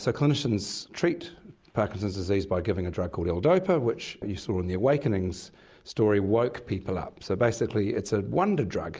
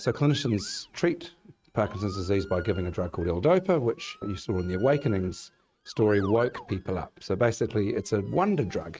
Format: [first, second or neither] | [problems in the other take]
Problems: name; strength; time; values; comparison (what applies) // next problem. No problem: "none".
first | noise reduction (neural mask model RNNoise)